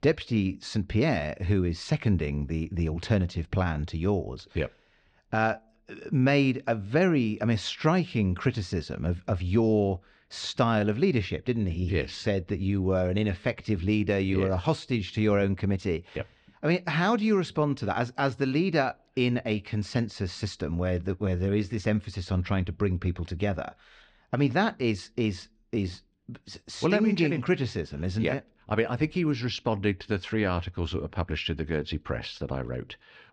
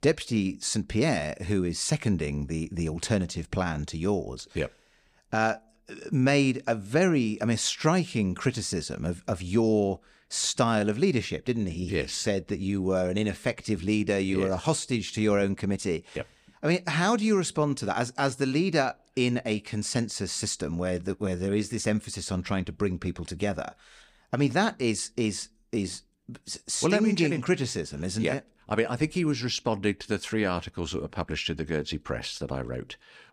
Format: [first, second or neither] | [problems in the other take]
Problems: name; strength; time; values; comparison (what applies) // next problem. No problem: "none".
second | muffled; very slightly; fading above 4 kHz